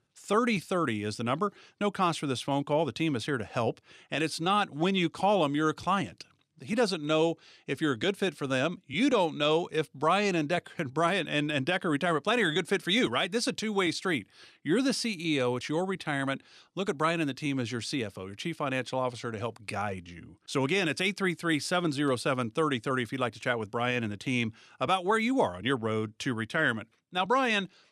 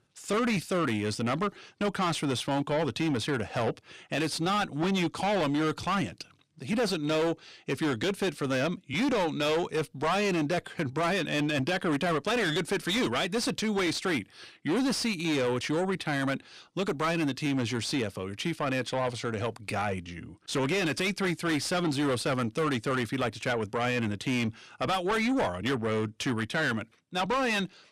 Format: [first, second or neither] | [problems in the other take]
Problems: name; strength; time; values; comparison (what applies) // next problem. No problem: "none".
first | distortion; heavy; 8 dB below the speech